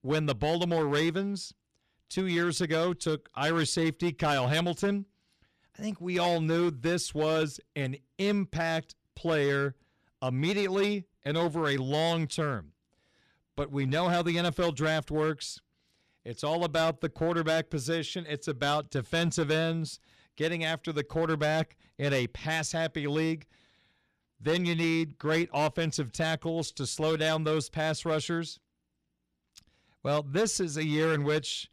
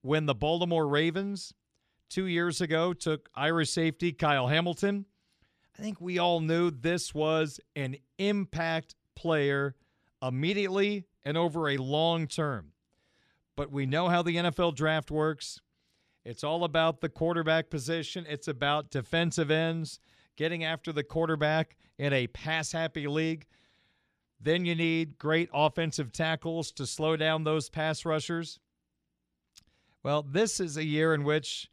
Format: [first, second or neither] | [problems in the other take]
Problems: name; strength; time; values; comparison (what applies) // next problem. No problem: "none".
second | distortion; slight; 6% of the sound clipped